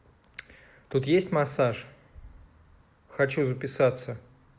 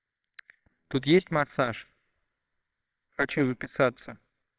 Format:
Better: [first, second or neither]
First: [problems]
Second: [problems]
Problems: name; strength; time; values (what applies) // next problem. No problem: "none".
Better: first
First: none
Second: noise reduction (neural separator model SepFormer WHAMR!)